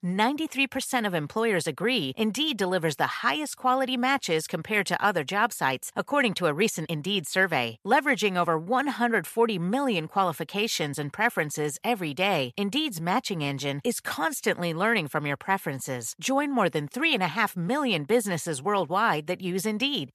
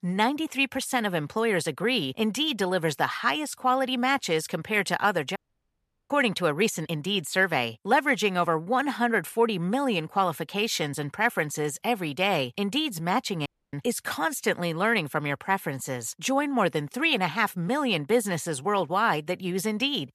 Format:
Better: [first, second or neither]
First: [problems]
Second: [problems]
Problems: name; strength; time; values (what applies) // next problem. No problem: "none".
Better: first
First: none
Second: audio cutting out; at 5.5 s for 0.5 s and at 13 s